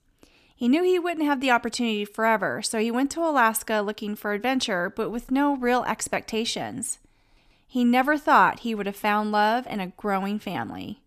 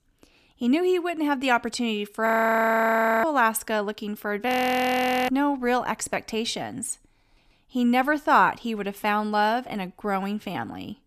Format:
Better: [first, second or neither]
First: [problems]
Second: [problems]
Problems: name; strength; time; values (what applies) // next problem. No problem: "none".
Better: first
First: none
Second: audio freezing; at 2.5 s for 1 s and at 4.5 s for 1 s